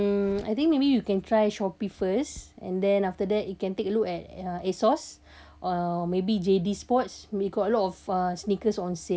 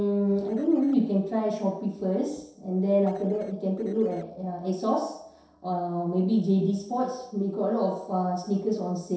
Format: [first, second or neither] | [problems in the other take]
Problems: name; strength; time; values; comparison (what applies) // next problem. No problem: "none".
first | noise reduction (neural separator model SepFormer DNS4)